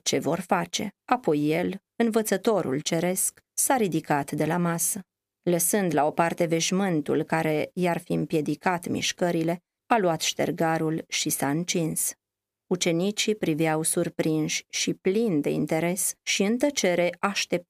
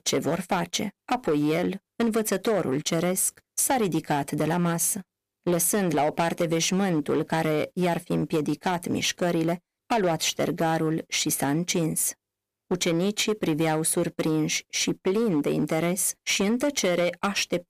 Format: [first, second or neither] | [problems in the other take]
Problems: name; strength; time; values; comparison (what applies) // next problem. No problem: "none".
first | distortion; slight; 9% of the sound clipped